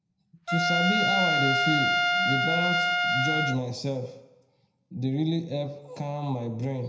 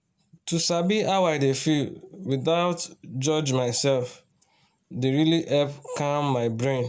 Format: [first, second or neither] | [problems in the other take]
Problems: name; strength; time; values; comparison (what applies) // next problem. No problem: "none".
second | background sound (Trumpet); 5 dB above the speech // room echo; dies away in 0.7 s